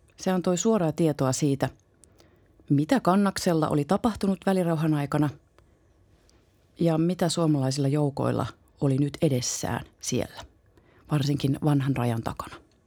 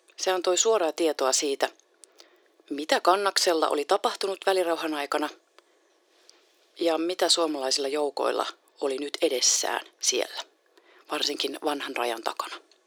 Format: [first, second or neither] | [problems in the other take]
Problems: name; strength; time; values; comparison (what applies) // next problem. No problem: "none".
first | thin; very; fading below 350 Hz